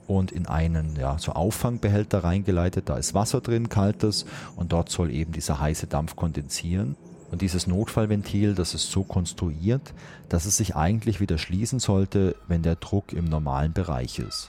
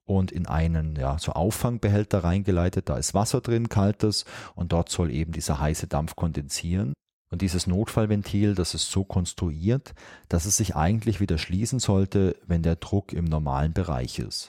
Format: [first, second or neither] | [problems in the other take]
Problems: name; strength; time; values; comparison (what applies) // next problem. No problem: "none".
second | animal sounds; faint; throughout; 20 dB below the speech